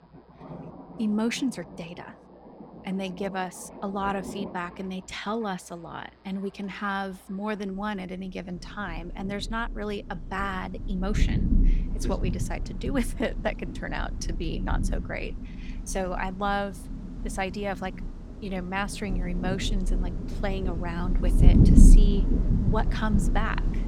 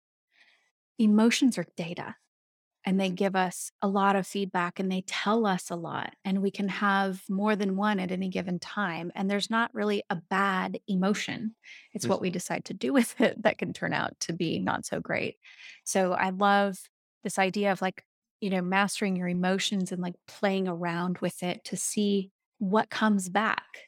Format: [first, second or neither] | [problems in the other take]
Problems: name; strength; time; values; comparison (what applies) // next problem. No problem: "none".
second | rain or running water; very loud; throughout; 5 dB above the speech